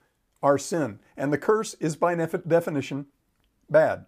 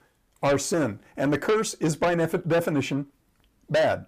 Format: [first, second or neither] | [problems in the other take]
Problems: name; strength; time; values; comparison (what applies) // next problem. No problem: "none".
first | distortion; heavy; 7 dB below the speech